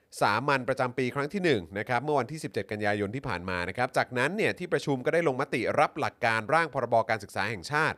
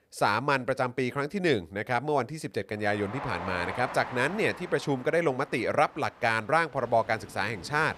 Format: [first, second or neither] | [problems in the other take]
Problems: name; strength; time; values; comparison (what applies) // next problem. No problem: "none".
first | train or aircraft noise; noticeable; from 3 s on; 15 dB below the speech